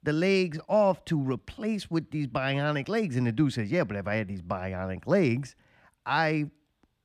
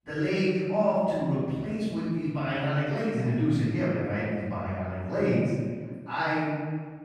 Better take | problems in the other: first | off-mic speech; far // room echo; strong; dies away in 1.6 s

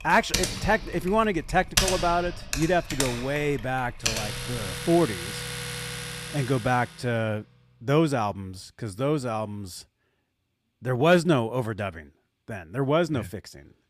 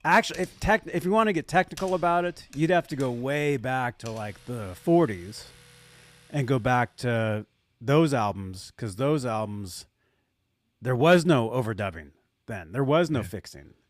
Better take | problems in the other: second | household noises; loud; until 6.5 s; 4 dB below the speech; faint in the second

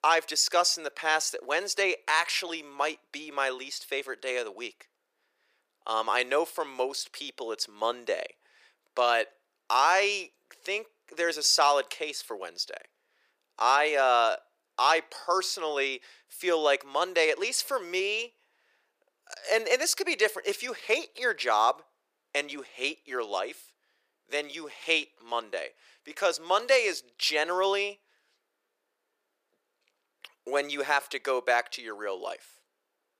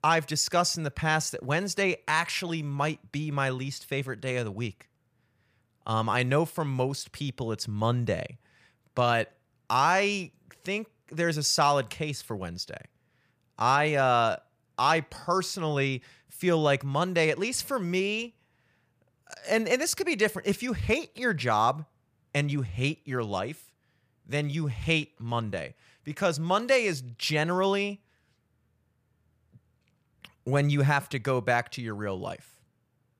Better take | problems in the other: second | thin; very; fading below 350 Hz

